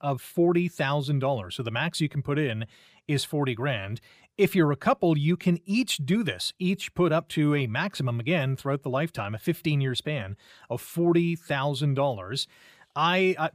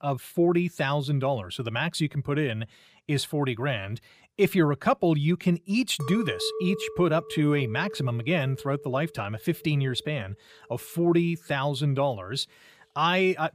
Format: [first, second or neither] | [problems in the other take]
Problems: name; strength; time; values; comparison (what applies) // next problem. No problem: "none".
first | clattering dishes; noticeable; from 6 to 10 s; peak 7 dB below the speech